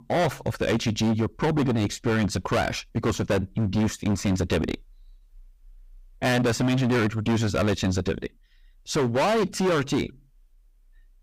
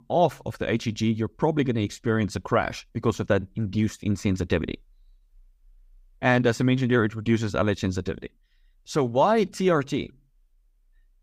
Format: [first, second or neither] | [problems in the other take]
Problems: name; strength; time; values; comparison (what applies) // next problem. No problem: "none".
second | distortion; heavy; 17% of the sound clipped